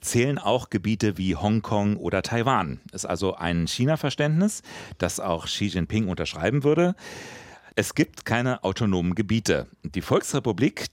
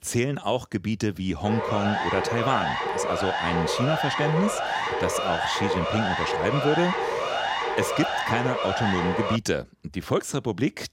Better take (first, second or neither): first